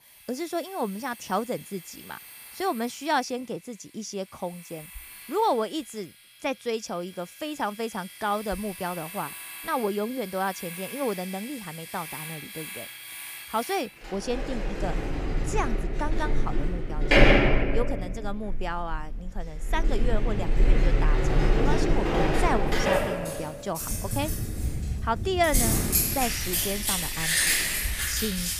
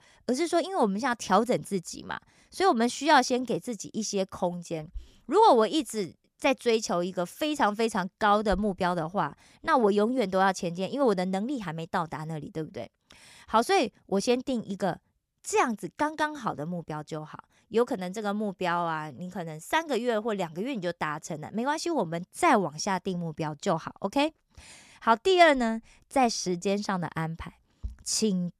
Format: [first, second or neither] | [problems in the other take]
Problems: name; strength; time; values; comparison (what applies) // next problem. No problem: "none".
second | household noises; very loud; throughout; 5 dB above the speech